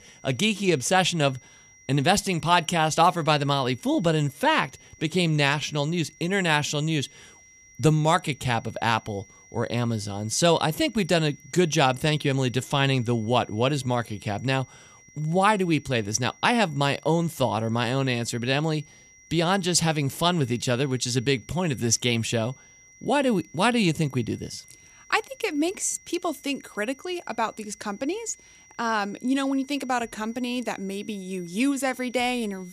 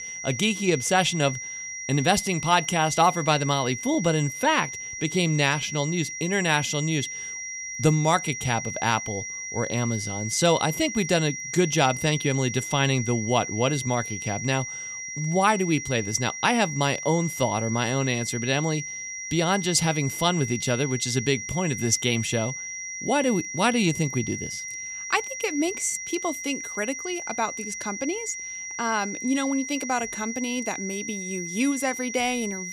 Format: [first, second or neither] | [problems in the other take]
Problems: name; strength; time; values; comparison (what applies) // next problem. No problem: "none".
first | high-pitched whine; loud; throughout; 5.5 kHz, 7 dB below the speech; faint in the first